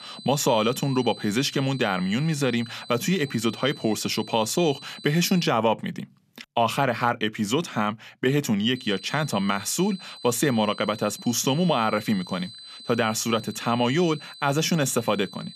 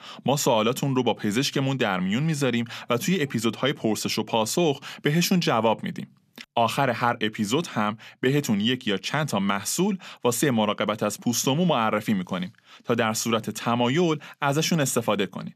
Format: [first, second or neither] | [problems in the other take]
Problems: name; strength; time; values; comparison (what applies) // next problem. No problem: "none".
second | high-pitched whine; noticeable; until 5.5 s and from 9 s on; 4 kHz, 15 dB below the speech